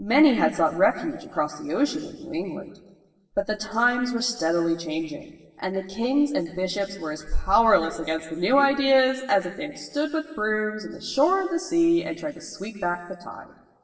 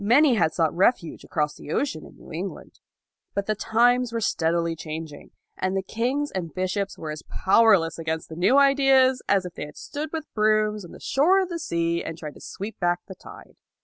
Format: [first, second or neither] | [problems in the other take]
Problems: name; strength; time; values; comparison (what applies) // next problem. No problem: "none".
second | room echo; dies away in 1.2 s